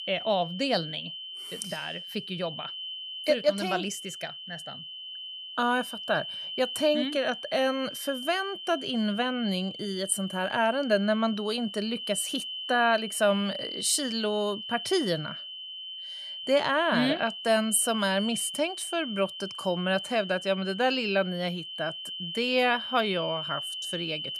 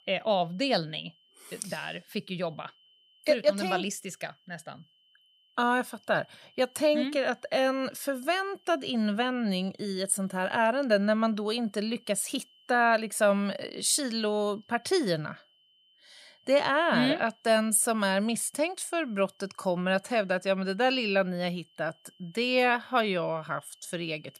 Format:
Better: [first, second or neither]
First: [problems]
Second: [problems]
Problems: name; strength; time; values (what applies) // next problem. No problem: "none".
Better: second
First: high-pitched whine; loud; throughout; 3 kHz, 8 dB below the speech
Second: high-pitched whine; faint; throughout; 3 kHz, 35 dB below the speech